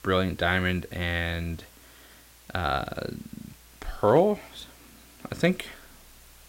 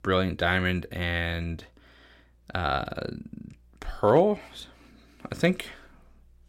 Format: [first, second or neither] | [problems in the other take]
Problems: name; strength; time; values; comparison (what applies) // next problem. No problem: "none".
second | hiss; faint; throughout; 25 dB below the speech